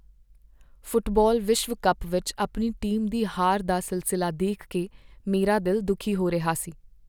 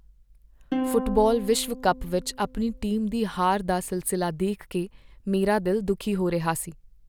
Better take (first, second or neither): first